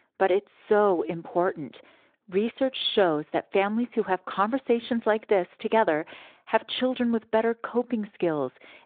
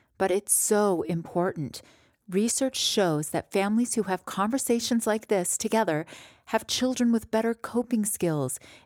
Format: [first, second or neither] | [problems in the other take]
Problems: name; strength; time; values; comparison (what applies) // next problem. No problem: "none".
second | phone-call audio